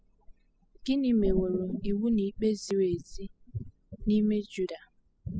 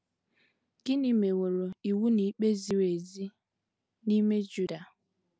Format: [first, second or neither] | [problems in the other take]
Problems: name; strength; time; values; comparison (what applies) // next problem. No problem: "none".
second | noise reduction (classical method spectral subtraction)